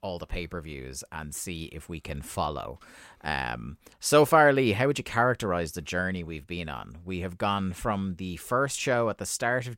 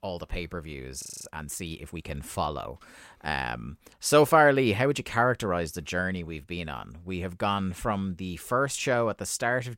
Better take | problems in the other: first | audio freezing; at 1 s

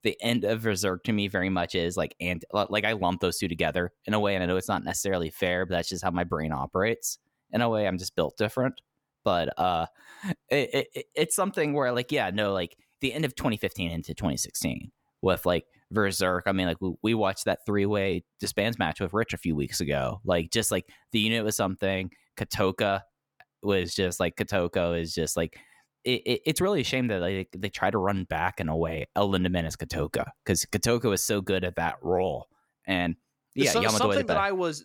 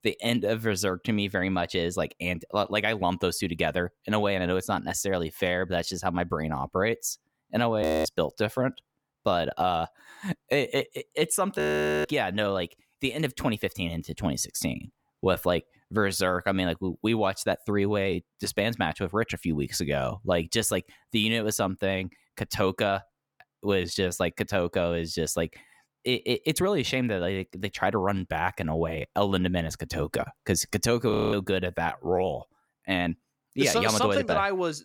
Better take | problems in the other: first | audio freezing; at 8 s, at 12 s and at 31 s

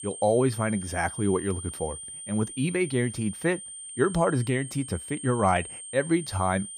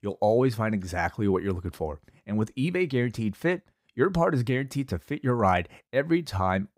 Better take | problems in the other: second | high-pitched whine; noticeable; throughout; 9 kHz, 10 dB below the speech

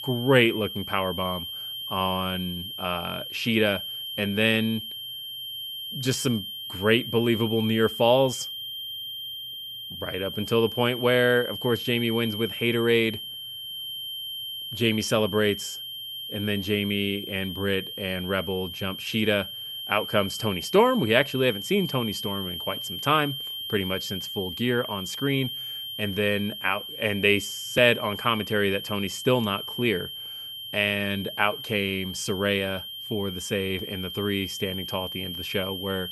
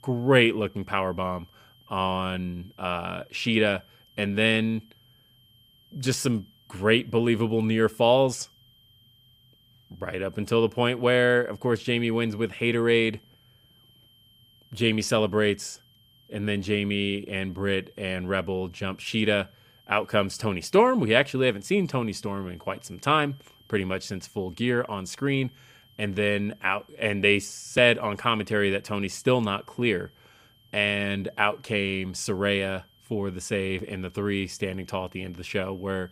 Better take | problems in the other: second | high-pitched whine; loud; throughout; 3 kHz, 7 dB below the speech; faint in the second

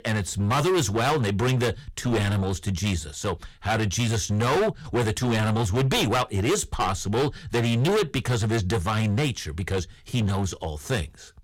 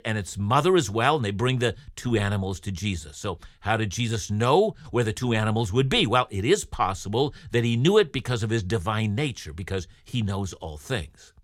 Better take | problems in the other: second | distortion; heavy; 19% of the sound clipped

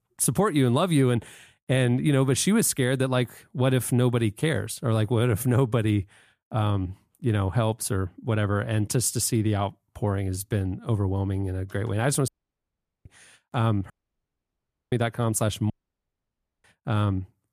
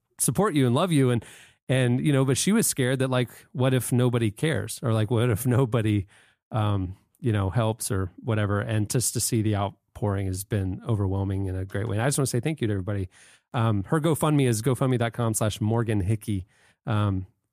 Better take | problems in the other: second | audio cutting out; at 12 s for 1 s, at 14 s for 1 s and at 16 s for 1 s

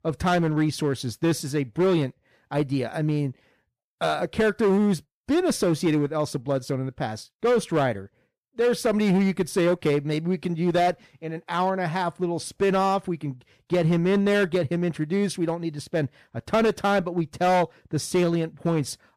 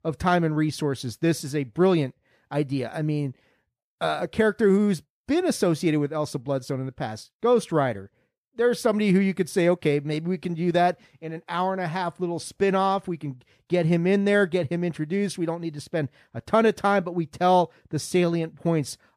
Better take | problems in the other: second | distortion; slight; 7% of the sound clipped

